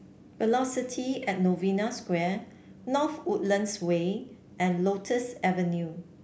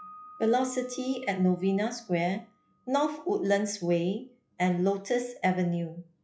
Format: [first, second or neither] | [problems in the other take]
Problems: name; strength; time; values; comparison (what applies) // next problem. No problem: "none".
first | noise reduction (classical method log-MMSE)